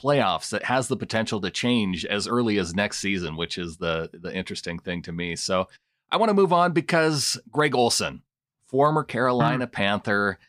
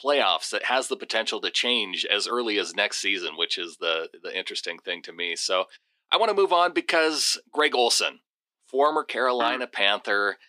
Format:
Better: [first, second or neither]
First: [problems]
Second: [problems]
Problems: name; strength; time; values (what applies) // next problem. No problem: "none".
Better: first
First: none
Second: thin; somewhat; fading below 300 Hz